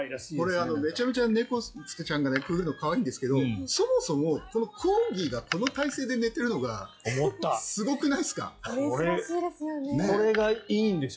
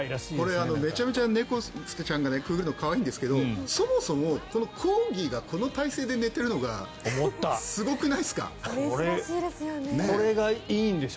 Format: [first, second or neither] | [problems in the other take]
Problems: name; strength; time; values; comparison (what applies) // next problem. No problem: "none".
second | noise reduction (classical method log-MMSE)